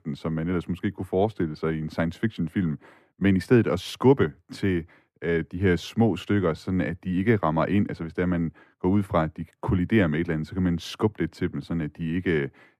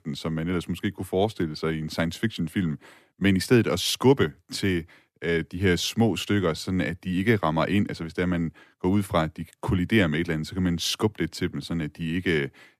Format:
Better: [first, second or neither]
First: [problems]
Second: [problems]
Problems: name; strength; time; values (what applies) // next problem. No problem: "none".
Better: second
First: muffled; slightly; fading above 2.5 kHz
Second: none